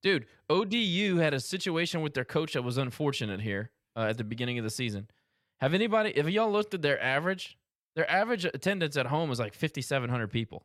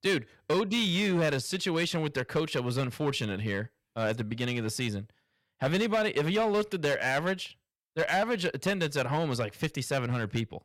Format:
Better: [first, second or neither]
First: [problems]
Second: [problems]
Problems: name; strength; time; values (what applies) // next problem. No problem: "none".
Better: first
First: none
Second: distortion; slight; 7% of the sound clipped